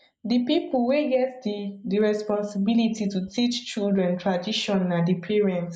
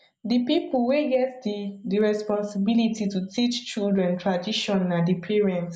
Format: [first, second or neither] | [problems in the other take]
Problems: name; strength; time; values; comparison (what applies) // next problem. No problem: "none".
second | noise reduction (neural mask model Resemble Enhance denoiser)